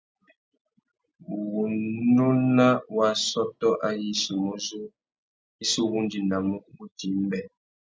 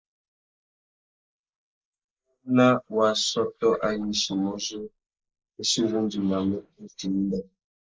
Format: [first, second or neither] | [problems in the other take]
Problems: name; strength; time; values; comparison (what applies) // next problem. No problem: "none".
first | noise reduction (neural mask model Resemble Enhance denoiser)